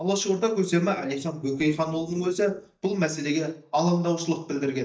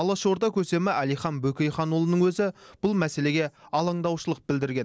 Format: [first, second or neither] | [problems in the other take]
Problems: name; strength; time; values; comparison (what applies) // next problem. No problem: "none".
second | noise reduction (neural mask model DeepFilterNet 3)